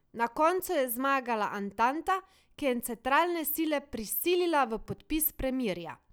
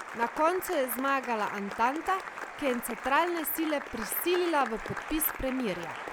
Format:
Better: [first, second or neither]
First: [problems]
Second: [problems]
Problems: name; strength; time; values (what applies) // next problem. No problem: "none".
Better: first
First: none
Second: background sound (Applause); 9 dB below the speech